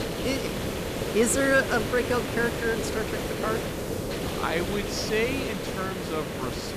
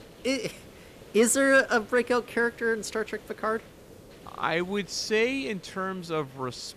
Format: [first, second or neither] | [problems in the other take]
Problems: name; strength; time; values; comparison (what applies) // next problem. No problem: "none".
second | hiss; loud; throughout; 3 dB below the speech; faint in the second